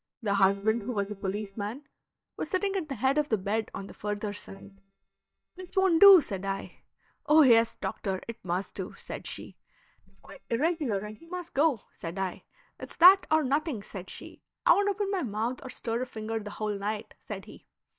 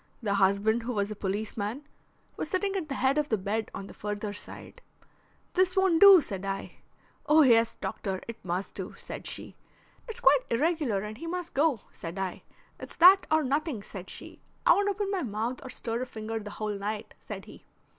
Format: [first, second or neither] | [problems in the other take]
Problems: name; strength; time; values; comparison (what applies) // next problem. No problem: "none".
second | noise reduction (neural mask model DeepFilterNet 3)